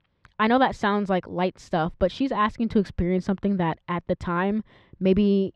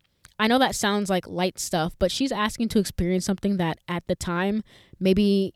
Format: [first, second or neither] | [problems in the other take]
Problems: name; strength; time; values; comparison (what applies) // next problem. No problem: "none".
second | muffled; very; fading above 2.5 kHz